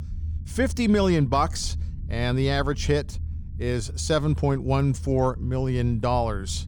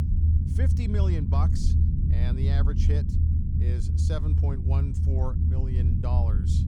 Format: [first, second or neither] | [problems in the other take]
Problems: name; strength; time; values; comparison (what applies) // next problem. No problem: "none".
first | low rumble; loud; throughout; as loud as the speech; faint in the first